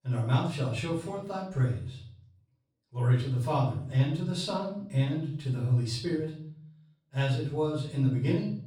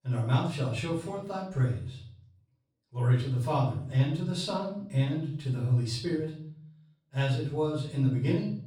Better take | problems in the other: neither | off-mic speech; far; the same in both // room echo; noticeable; dies away in 0.5 s; the same in both

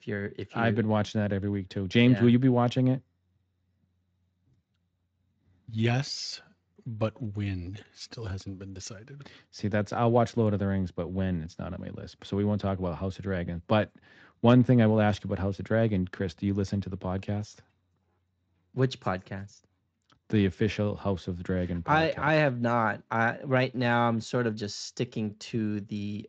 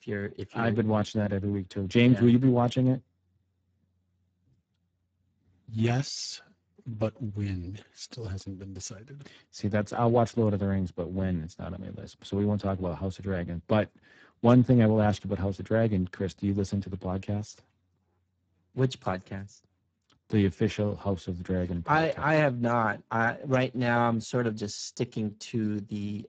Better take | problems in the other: first | garbled, watery; badly; nothing above 7.5 kHz; slightly in the first

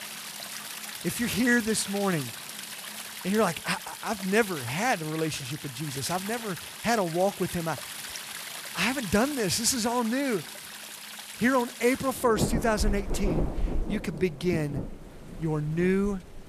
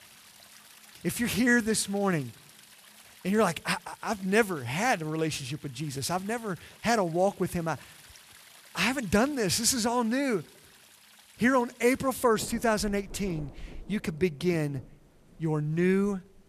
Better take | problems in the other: second | rain or running water; loud; throughout; 8 dB below the speech; faint in the second

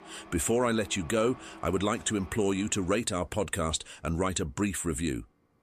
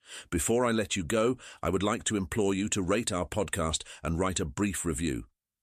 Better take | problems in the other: second | machinery noise; noticeable; throughout; 20 dB below the speech

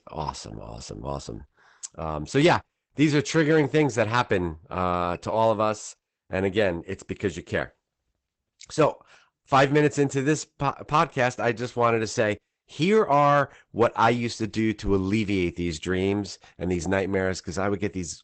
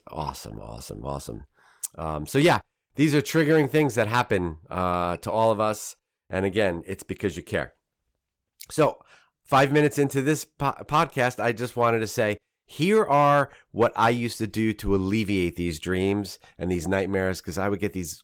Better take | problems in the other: second | garbled, watery; badly; nothing above 8 kHz; slightly in the second

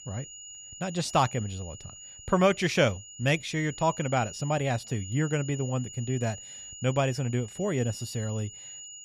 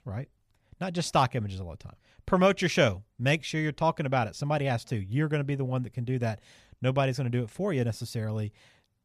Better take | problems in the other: second | high-pitched whine; noticeable; throughout; 7 kHz, 15 dB below the speech

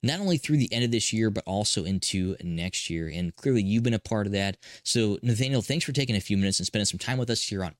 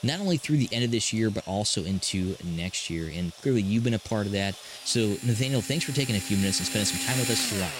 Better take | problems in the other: first | machinery noise; loud; throughout; 5 dB below the speech

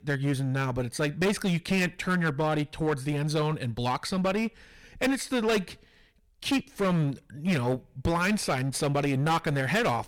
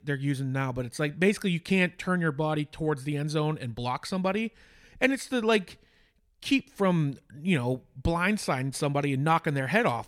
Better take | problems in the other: second | distortion; heavy; 14% of the sound clipped

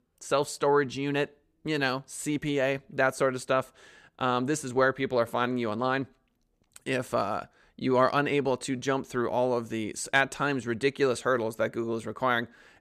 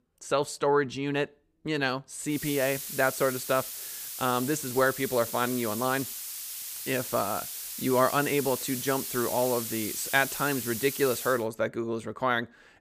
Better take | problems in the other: first | hiss; loud; from 2.5 to 11 s; 6 dB below the speech

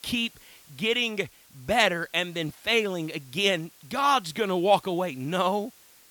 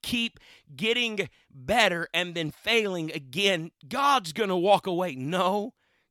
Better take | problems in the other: second | hiss; faint; throughout; 25 dB below the speech

